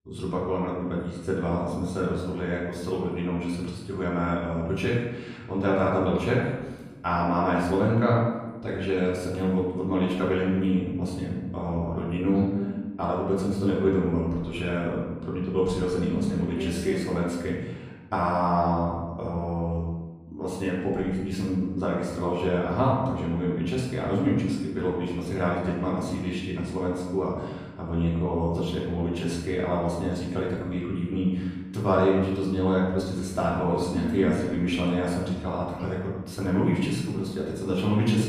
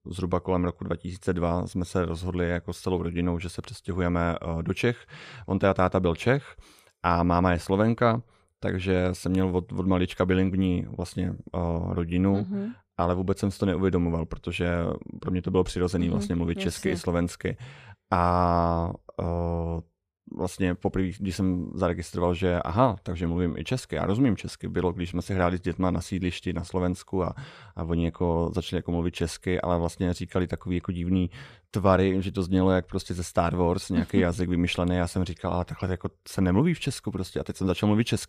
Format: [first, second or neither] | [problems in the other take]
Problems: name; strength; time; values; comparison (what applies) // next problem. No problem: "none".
second | off-mic speech; far // room echo; noticeable; dies away in 1 s